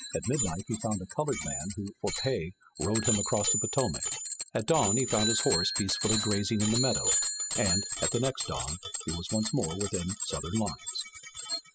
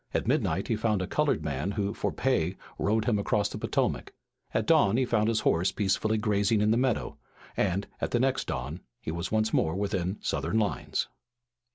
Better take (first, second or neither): second